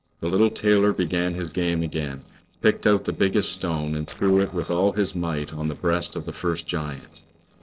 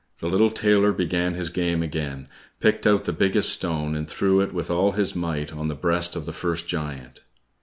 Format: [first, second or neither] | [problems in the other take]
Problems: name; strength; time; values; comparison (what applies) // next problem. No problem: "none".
second | noise reduction (neural separator model SepFormer DNS4)